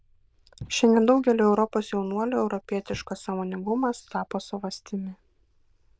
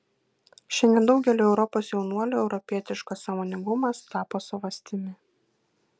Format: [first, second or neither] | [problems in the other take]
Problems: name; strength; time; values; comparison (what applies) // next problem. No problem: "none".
second | noise reduction (neural diffusion model UNIVERSE++)